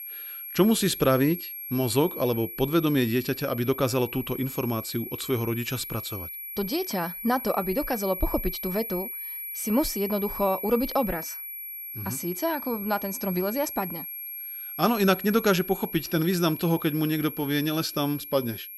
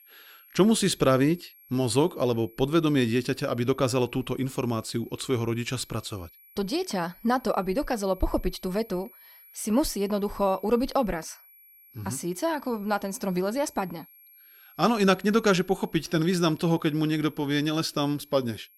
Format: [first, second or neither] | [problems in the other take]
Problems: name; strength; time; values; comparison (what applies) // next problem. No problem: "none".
second | high-pitched whine; loud; throughout; 11.5 kHz, 8 dB below the speech; faint in the second